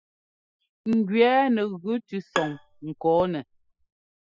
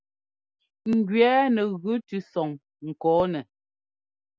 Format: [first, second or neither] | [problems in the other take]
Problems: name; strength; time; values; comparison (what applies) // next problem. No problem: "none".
second | noise reduction (classical method spectral subtraction)